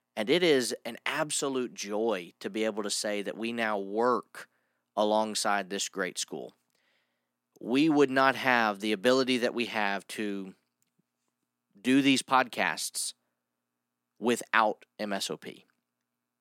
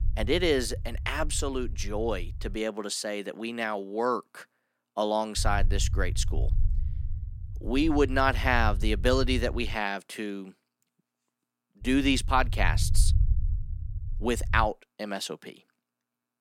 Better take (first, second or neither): first